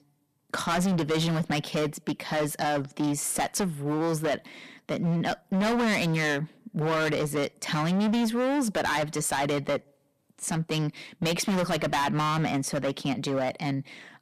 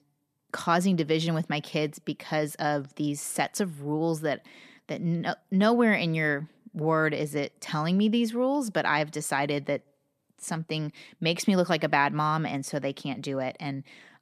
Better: second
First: distortion; heavy; 20% of the sound clipped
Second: none

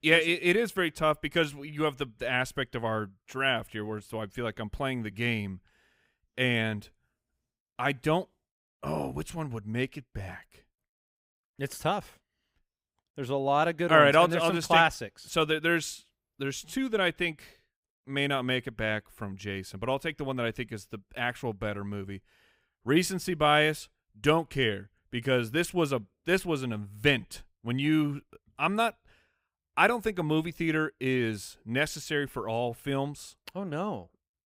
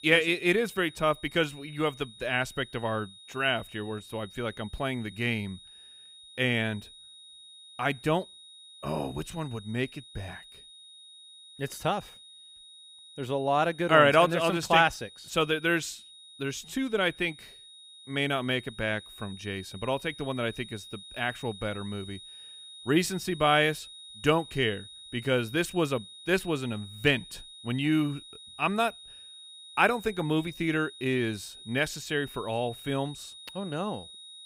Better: first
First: none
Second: high-pitched whine; noticeable; throughout; 4 kHz, 15 dB below the speech

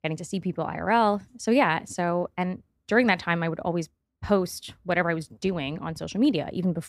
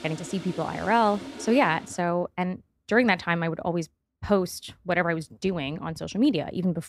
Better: first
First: none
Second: household noises; noticeable; until 2 s; 15 dB below the speech

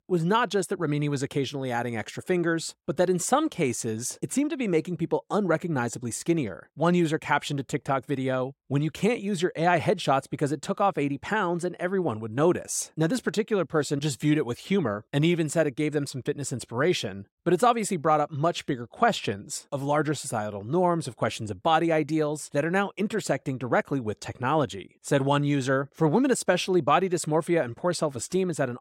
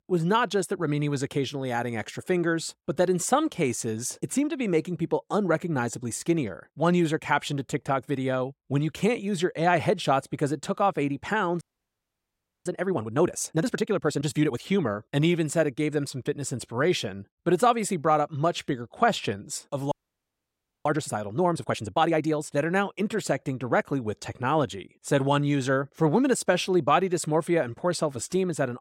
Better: first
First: none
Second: audio freezing; at 12 s for 1 s and at 20 s for 1 s

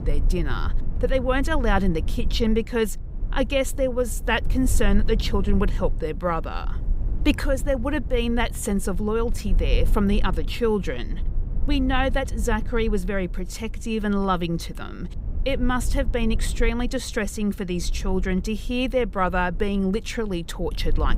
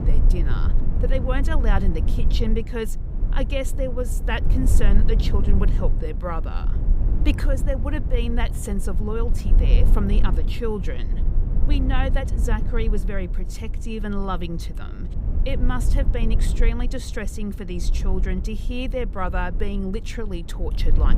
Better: first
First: low rumble; faint; throughout; 20 dB below the speech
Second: low rumble; loud; throughout; 10 dB below the speech

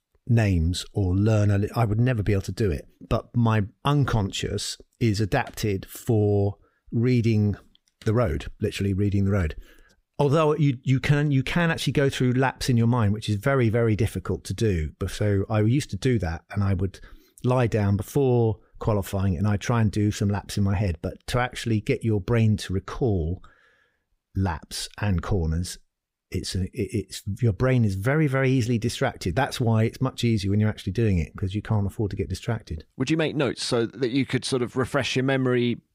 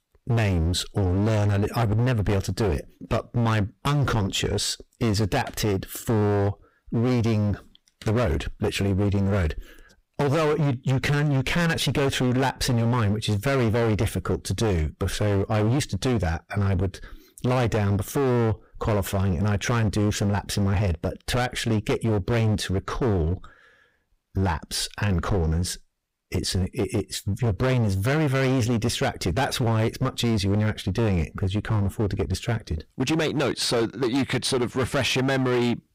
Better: first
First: none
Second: distortion; heavy; 24% of the sound clipped

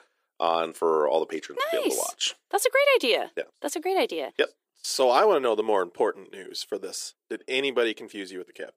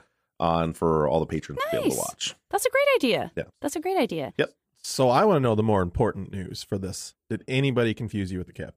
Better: second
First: thin; somewhat; fading below 350 Hz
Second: none

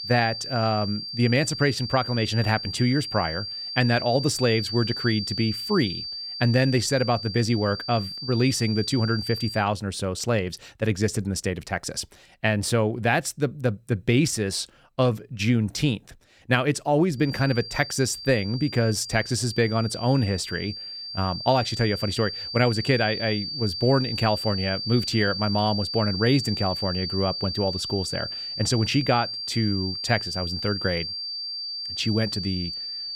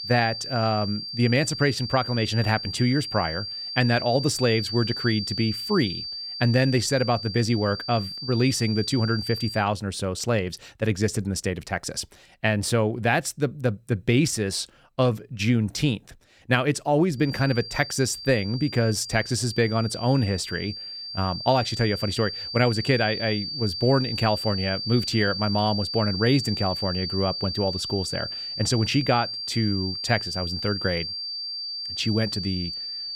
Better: neither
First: high-pitched whine; loud; until 9.5 s and from 17 s on; 4.5 kHz, 6 dB below the speech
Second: high-pitched whine; loud; until 9.5 s and from 17 s on; 4.5 kHz, 6 dB below the speech

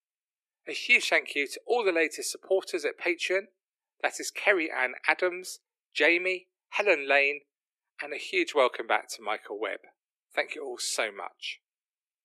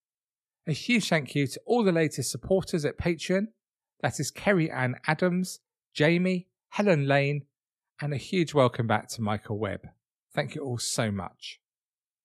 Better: second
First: thin; very; fading below 350 Hz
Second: none

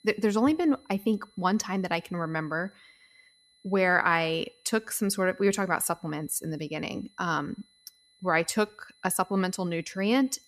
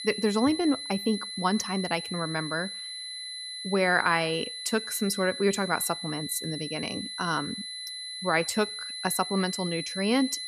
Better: first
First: high-pitched whine; faint; throughout; 4 kHz, 35 dB below the speech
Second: high-pitched whine; loud; throughout; 4 kHz, 6 dB below the speech

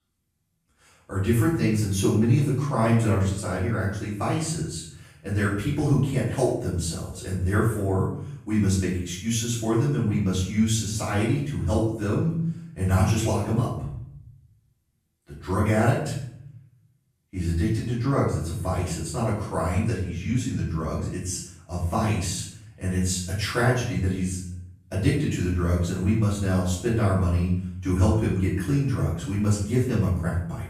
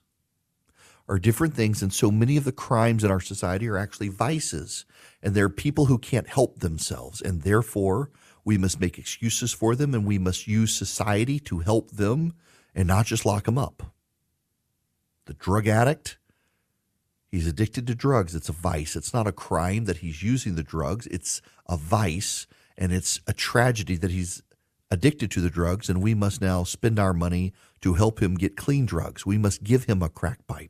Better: second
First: off-mic speech; far // room echo; noticeable; dies away in 0.7 s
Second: none

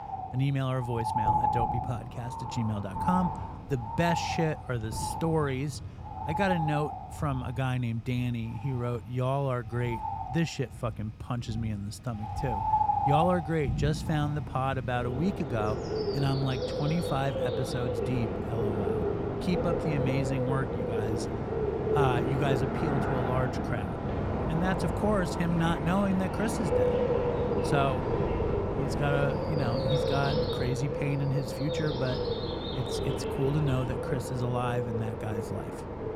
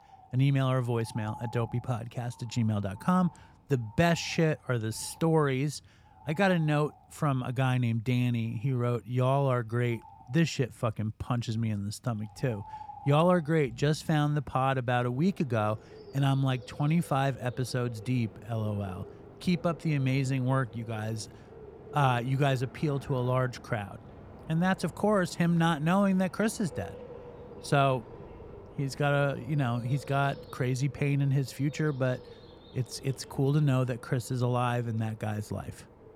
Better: second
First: animal sounds; loud; throughout; as loud as the speech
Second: animal sounds; faint; throughout; 20 dB below the speech

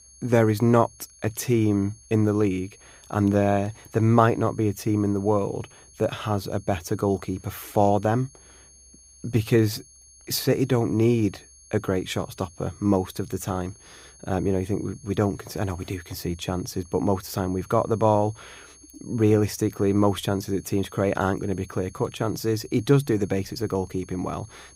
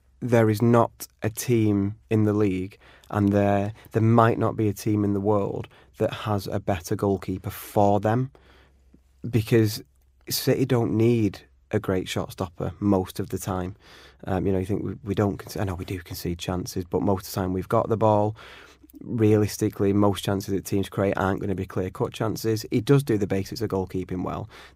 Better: second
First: high-pitched whine; faint; throughout; 6.5 kHz, 25 dB below the speech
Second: none

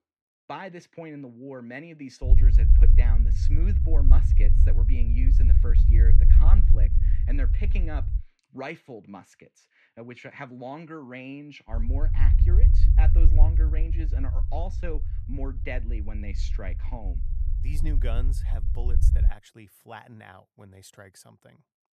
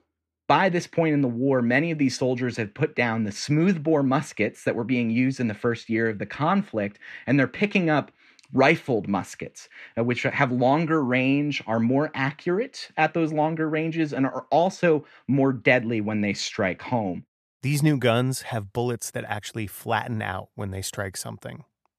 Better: second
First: low rumble; loud; from 2.5 to 8 s and from 12 to 19 s; 3 dB below the speech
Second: none

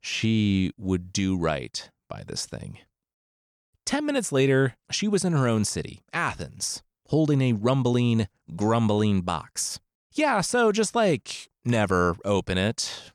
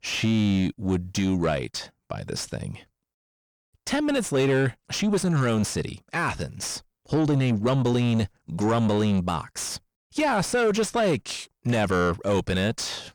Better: first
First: none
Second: distortion; slight; 9 dB below the speech

